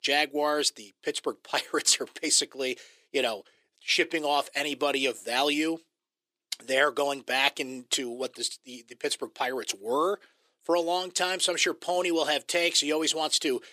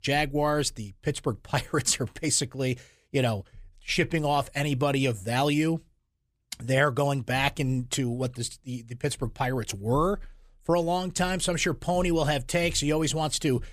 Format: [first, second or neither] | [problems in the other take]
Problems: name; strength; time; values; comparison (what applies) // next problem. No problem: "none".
second | thin; somewhat; fading below 350 Hz